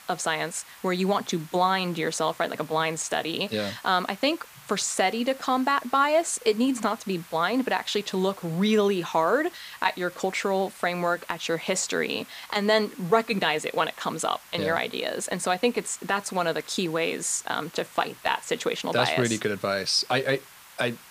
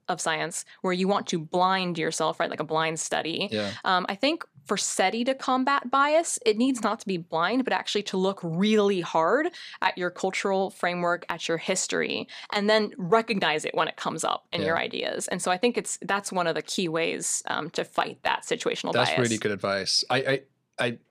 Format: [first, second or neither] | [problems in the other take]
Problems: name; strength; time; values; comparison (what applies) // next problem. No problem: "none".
second | hiss; faint; throughout; 20 dB below the speech